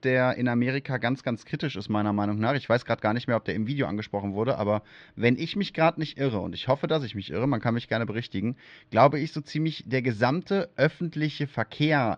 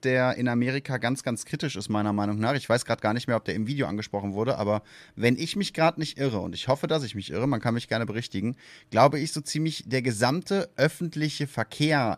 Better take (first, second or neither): second